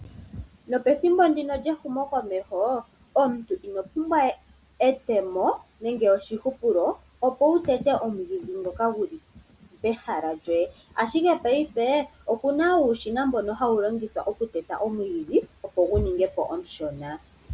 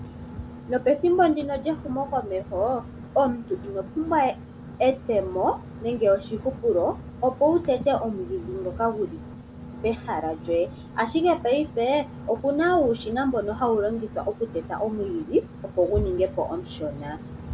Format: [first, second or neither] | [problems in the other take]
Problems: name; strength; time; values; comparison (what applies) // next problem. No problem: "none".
first | background sound (Boat, Water vehicle); 14 dB below the speech